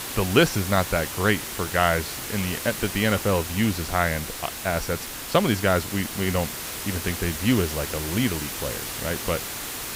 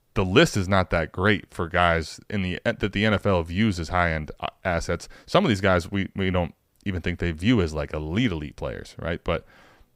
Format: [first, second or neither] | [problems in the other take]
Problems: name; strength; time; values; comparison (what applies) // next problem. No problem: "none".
second | hiss; loud; throughout; 6 dB below the speech